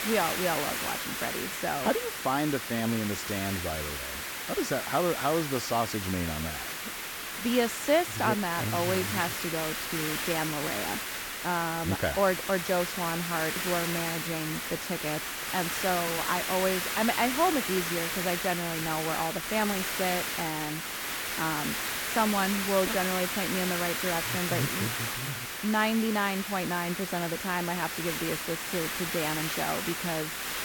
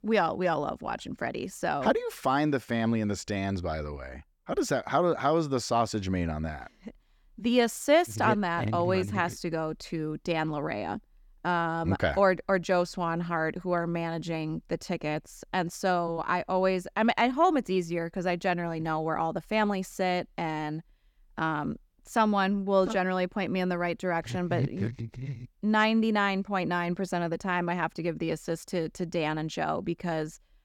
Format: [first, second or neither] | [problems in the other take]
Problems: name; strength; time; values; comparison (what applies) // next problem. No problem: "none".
second | hiss; loud; throughout; 1 dB below the speech